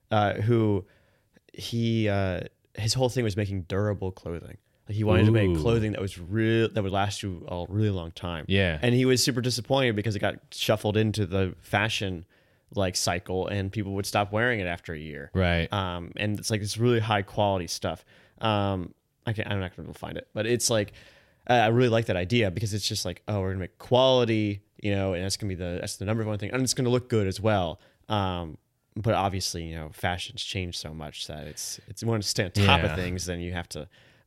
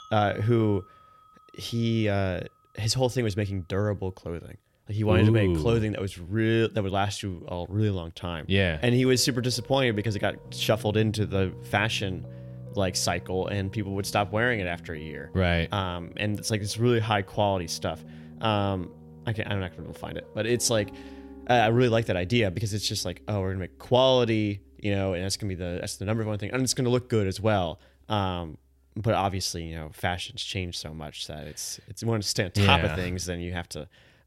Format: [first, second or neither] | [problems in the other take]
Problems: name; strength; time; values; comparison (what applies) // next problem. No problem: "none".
first | background music; noticeable; throughout; 20 dB below the speech